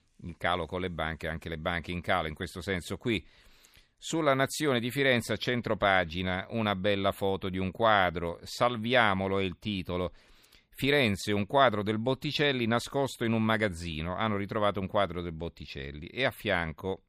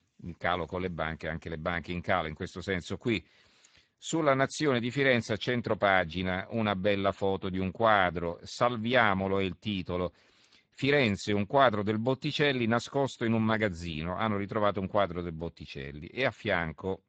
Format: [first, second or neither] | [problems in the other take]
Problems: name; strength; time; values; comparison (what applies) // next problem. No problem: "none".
first | garbled, watery; badly; nothing above 7.5 kHz